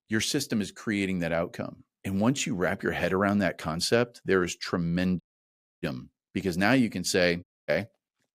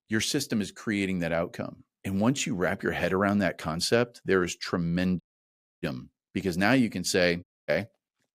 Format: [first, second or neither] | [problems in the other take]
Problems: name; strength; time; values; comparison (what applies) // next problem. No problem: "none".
neither | audio cutting out; at 5 s for 0.5 s and at 7.5 s; the same in both